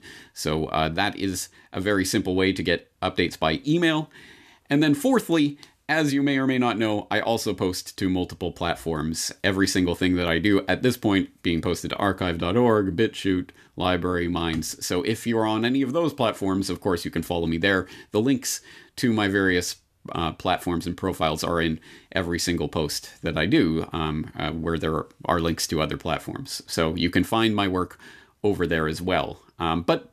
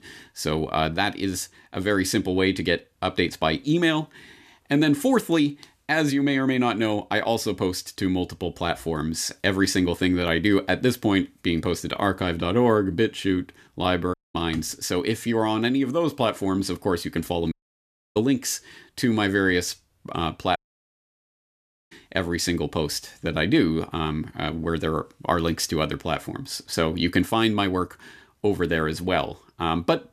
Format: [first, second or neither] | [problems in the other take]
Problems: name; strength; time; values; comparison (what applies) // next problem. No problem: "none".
first | audio cutting out; at 14 s, at 18 s for 0.5 s and at 21 s for 1.5 s